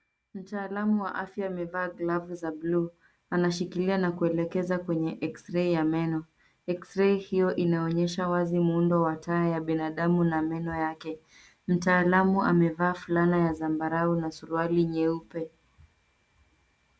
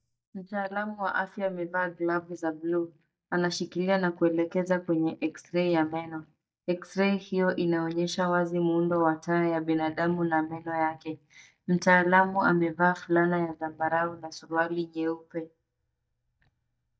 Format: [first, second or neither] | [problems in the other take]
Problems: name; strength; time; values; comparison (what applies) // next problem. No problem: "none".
first | noise reduction (neural mask model DeepFilterNet 3)